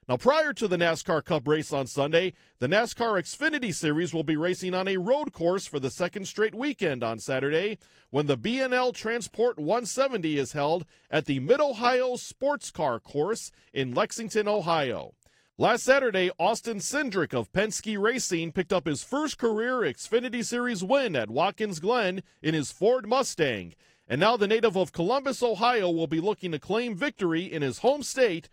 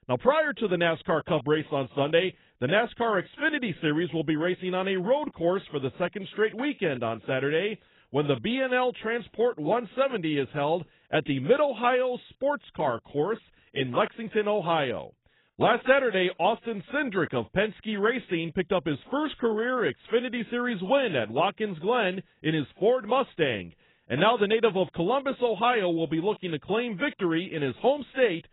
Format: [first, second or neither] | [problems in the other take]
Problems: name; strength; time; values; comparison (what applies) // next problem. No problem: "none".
first | garbled, watery; badly; nothing above 4 kHz; slightly in the first